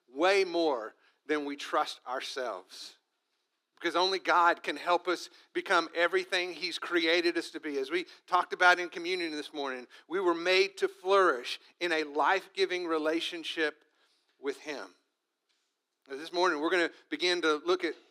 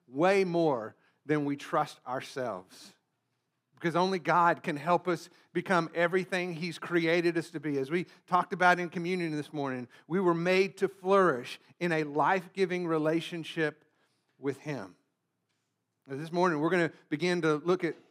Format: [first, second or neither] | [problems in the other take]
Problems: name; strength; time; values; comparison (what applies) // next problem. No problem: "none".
second | thin; somewhat; fading below 350 Hz